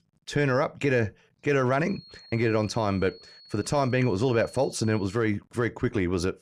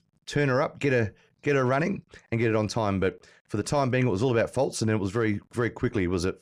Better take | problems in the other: second | high-pitched whine; faint; from 2 to 5 s; 4.5 kHz, 20 dB below the speech

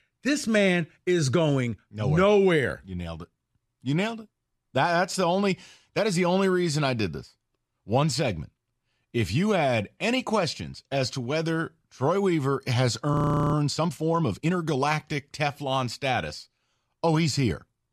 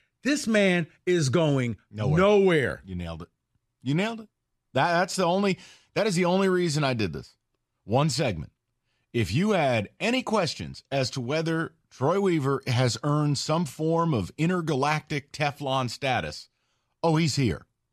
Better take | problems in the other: second | audio freezing; at 13 s

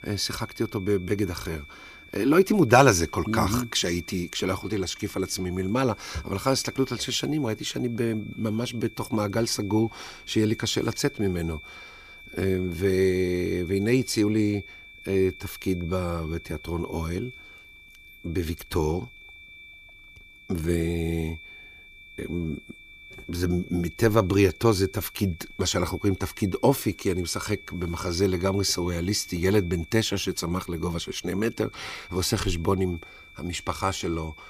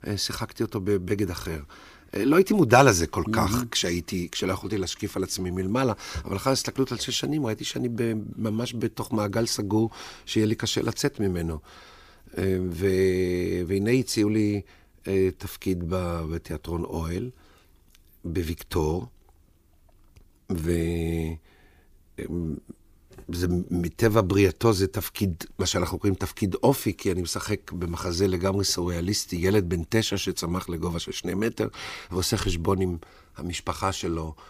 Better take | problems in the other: second | high-pitched whine; noticeable; throughout; 2.5 kHz, 20 dB below the speech

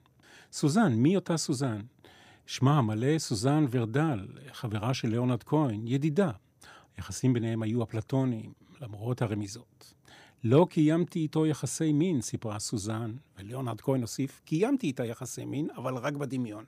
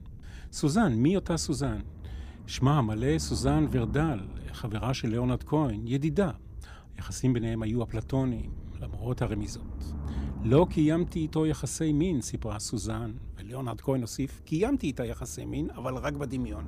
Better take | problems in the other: first | low rumble; noticeable; throughout; 20 dB below the speech

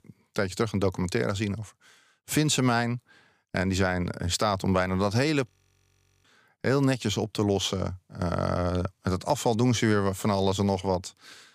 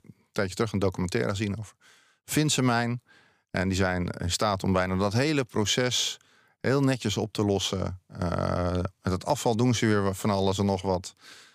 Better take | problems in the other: second | audio freezing; at 5.5 s for 1 s

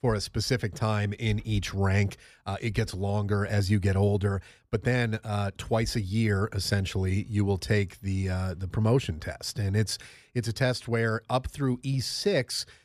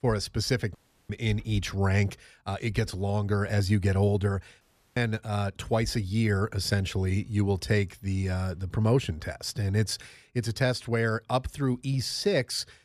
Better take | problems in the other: first | audio cutting out; at 1 s and at 4.5 s

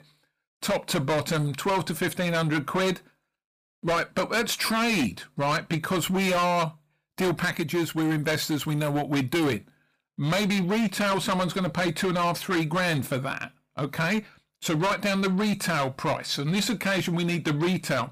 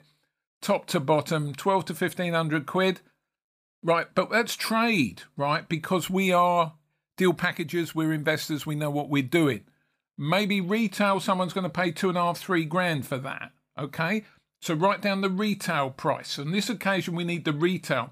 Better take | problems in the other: second | distortion; heavy; 18% of the sound clipped

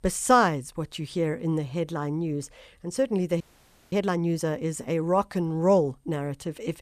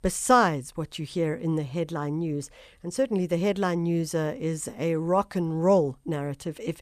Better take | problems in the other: second | audio freezing; at 3.5 s for 0.5 s

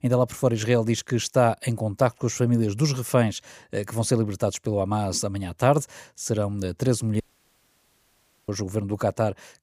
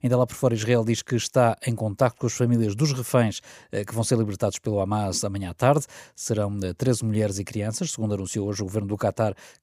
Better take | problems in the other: second | audio cutting out; at 7 s for 1.5 s

